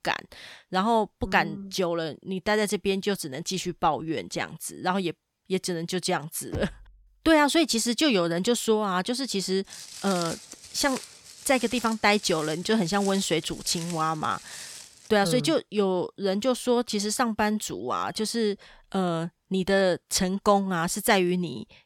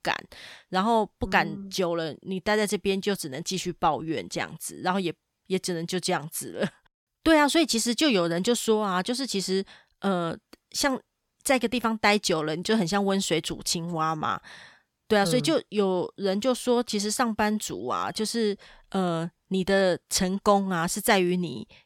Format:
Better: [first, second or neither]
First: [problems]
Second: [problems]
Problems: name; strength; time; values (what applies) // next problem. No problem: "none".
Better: second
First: door banging; faint; at 6.5 s; peak 10 dB below the speech // footsteps; noticeable; from 9.5 to 15 s; peak 8 dB below the speech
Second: none